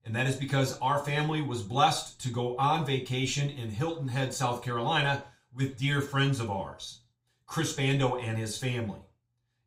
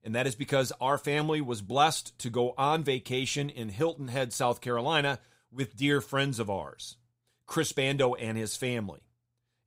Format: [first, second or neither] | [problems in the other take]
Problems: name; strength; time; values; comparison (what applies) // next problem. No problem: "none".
second | room echo; slight; dies away in 0.3 s // off-mic speech; far